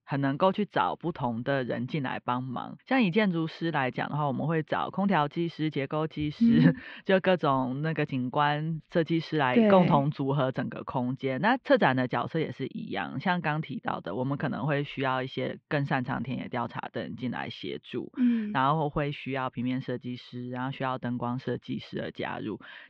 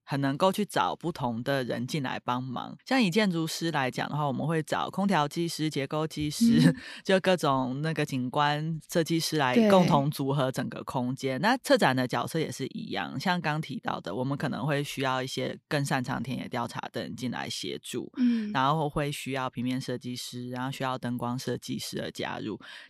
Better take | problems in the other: second | muffled; very; fading above 3 kHz

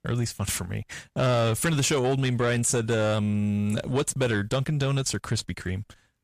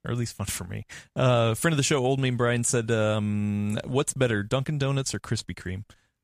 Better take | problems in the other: second | distortion; slight; 10 dB below the speech

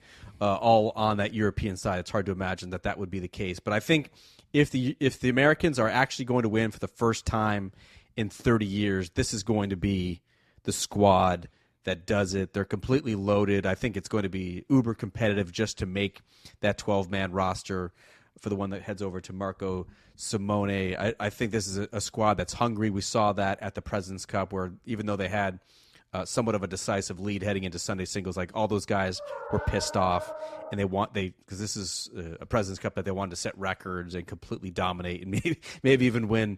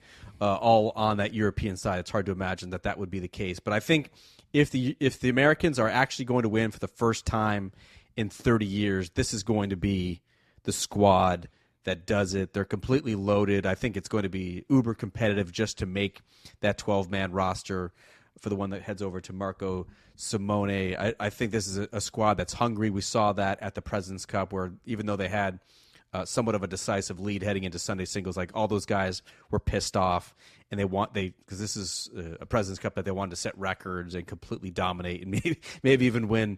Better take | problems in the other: second | dog barking; noticeable; from 29 to 31 s; peak 8 dB below the speech

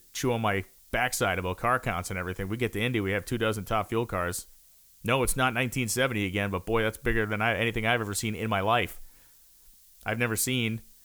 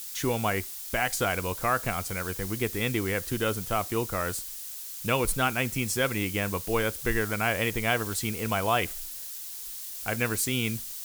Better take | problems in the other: first | hiss; loud; throughout; 5 dB below the speech; faint in the first

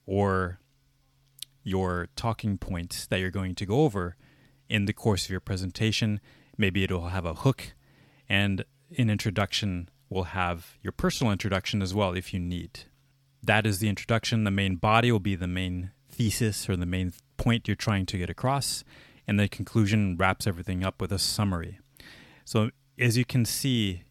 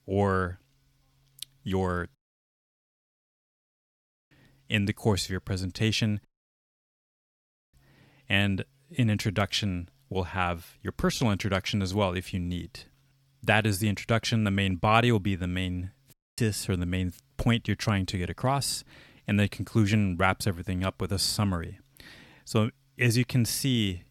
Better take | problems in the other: first | audio cutting out; at 2 s for 2 s, at 6.5 s for 1.5 s and at 16 s

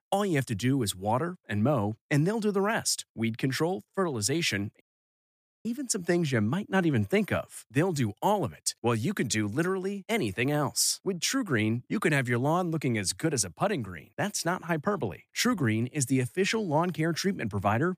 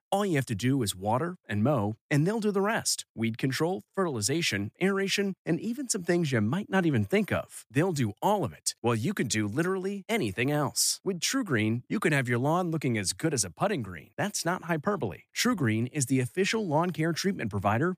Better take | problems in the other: second | audio cutting out; at 5 s for 1 s

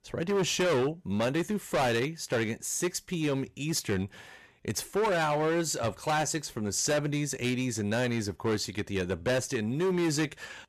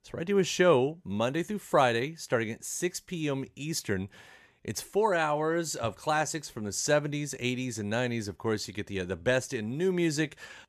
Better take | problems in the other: second | distortion; heavy; 13% of the sound clipped

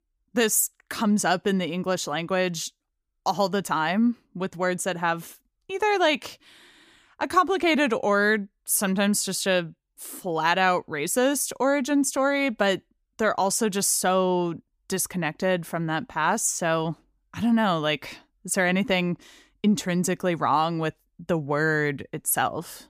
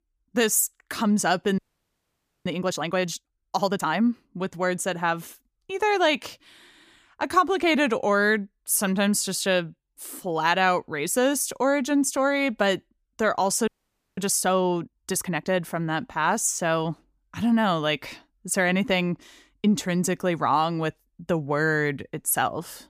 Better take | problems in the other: first | audio freezing; at 1.5 s for 1 s and at 14 s

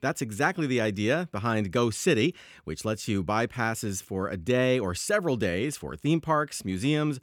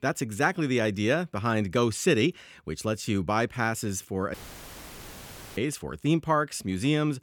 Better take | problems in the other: first | audio cutting out; filled with static; at 4.5 s for 1 s

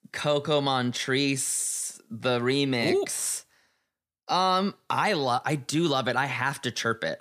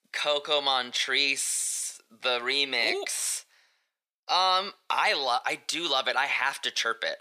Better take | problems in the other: first | thin; very; fading below 650 Hz

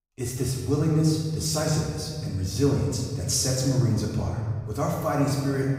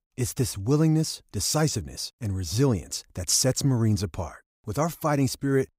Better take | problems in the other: second | room echo; noticeable; dies away in 1.7 s // off-mic speech; far

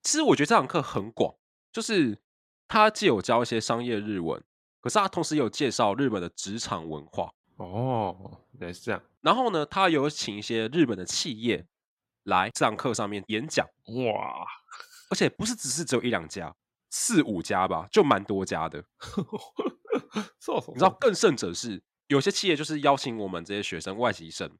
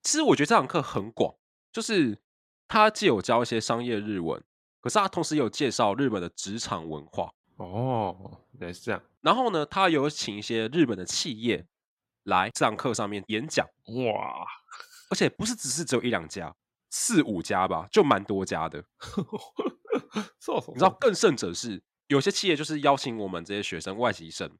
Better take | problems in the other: neither | none

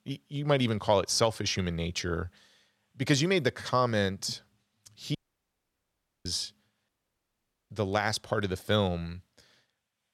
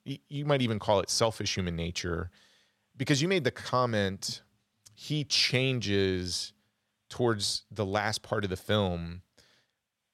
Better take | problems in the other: second | audio cutting out; at 5 s for 1 s and at 7 s for 1 s

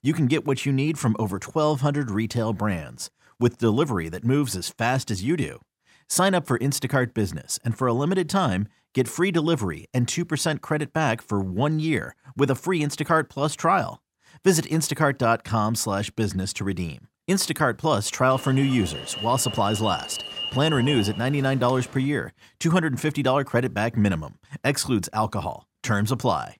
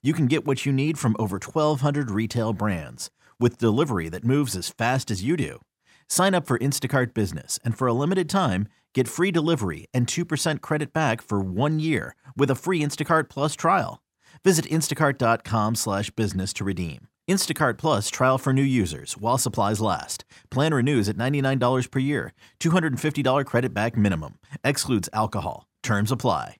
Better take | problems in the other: second | alarm; noticeable; from 18 to 22 s; peak 4 dB below the speech

